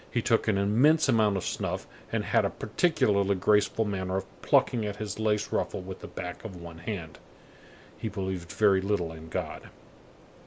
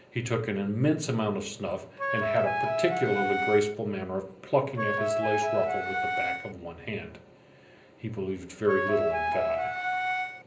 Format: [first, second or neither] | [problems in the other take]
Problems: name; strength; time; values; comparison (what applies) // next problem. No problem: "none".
first | background sound (Wind instrument, woodwind instrument); 2 dB above the speech // room echo; dies away in 0.5 s